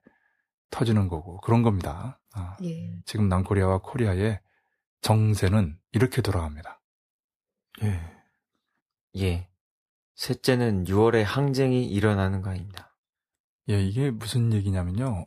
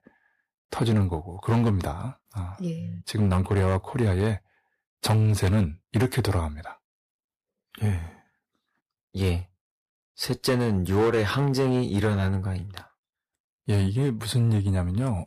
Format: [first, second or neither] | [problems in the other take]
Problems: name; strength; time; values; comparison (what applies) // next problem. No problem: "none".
first | distortion; slight; 5% of the sound clipped